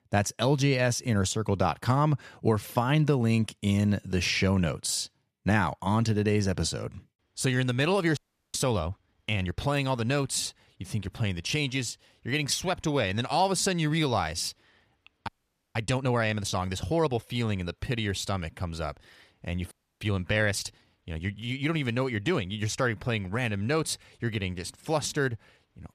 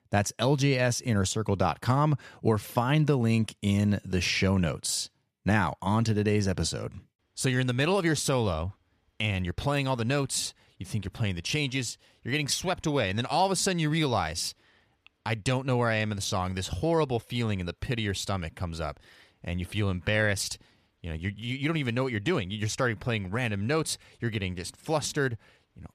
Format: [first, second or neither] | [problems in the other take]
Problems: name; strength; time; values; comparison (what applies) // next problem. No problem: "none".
second | audio freezing; at 8 s, at 15 s and at 20 s